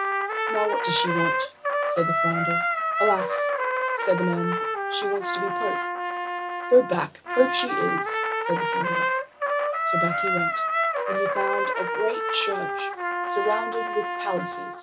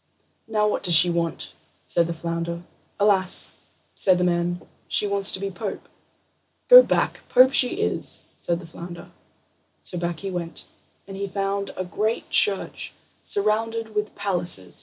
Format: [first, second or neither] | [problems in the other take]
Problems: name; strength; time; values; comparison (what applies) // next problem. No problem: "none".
second | background sound (Trumpet); 2 dB above the speech